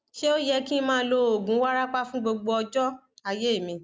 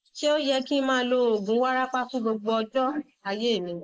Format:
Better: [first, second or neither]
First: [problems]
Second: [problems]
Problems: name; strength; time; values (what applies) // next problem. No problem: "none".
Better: first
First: none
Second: noise reduction (neural mask model Resemble Enhance denoiser)